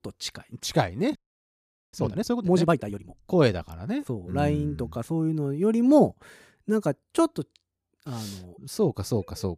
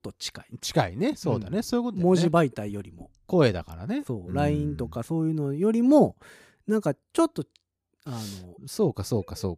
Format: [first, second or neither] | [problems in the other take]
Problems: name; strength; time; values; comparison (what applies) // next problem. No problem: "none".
second | audio freezing; at 1 s for 1 s